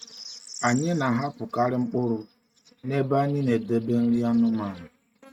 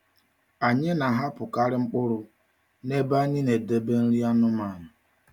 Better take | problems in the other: second | noise reduction (neural mask model RNNoise)

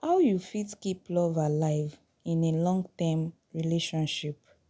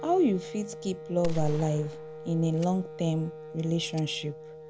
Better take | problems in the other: first | background sound (Wind instrument, woodwind instrument + Gunshot, gunfire); 9 dB below the speech

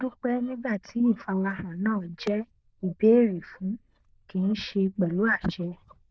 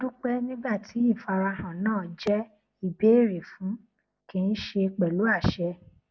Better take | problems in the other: second | noise reduction (neural diffusion model UNIVERSE++)

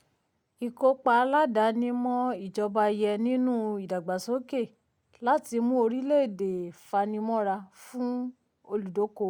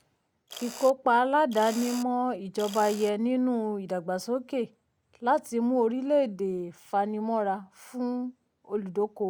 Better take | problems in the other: first | background sound (Mechanisms); 17 dB below the speech

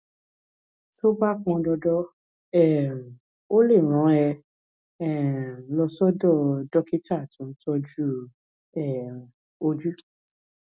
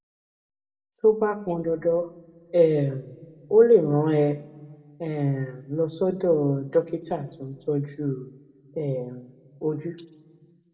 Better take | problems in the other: first | room echo; dies away in 1.1 s

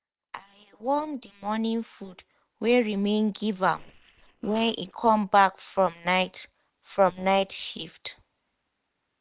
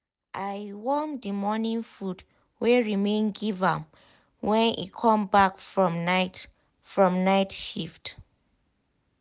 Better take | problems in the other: second | noise reduction (neural separator model SepFormer WHAM!)

